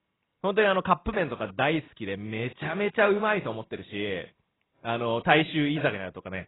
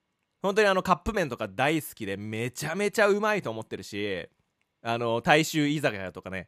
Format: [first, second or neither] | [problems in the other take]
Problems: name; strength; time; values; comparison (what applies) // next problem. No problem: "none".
second | garbled, watery; badly; nothing above 4 kHz